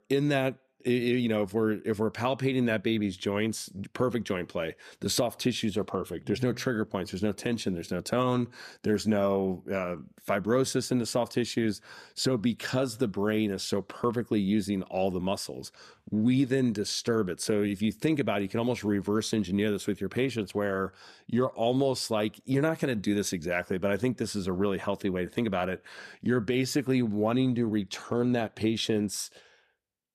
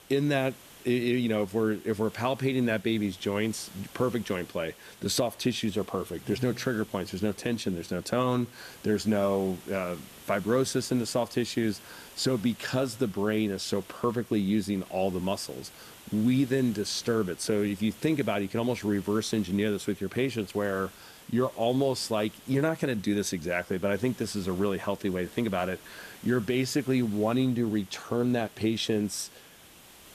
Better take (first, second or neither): first